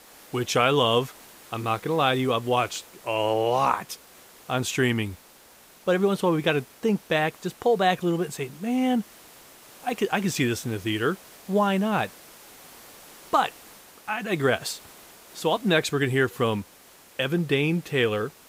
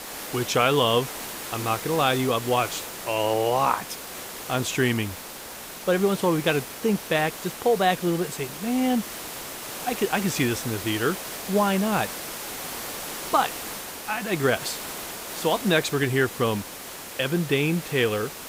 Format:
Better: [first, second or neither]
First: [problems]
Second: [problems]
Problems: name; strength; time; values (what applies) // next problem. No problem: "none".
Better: first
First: hiss; faint; throughout; 20 dB below the speech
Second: hiss; loud; throughout; 9 dB below the speech